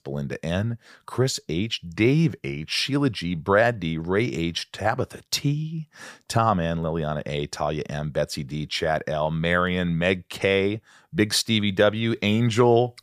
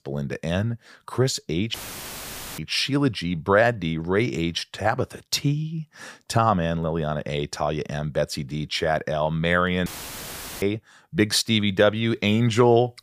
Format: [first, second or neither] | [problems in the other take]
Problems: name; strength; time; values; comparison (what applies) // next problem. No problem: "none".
first | audio cutting out; filled with static; at 1.5 s for 1 s and at 10 s for 1 s